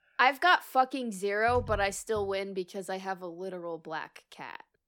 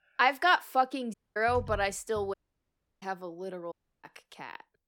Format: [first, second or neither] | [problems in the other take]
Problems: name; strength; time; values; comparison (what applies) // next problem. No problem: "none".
first | audio cutting out; at 1 s, at 2.5 s for 0.5 s and at 3.5 s